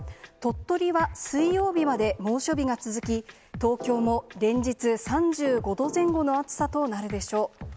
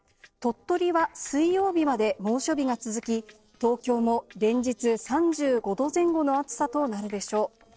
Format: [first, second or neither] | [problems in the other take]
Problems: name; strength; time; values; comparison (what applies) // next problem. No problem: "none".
first | noise reduction (neural separator model SepFormer DNS4)